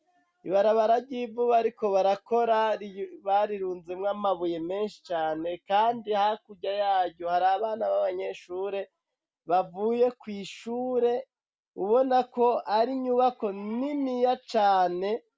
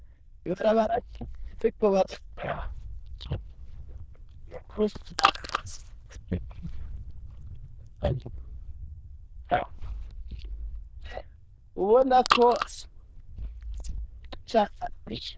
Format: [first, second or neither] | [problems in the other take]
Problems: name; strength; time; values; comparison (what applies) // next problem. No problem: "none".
first | noise reduction (neural diffusion model UNIVERSE++)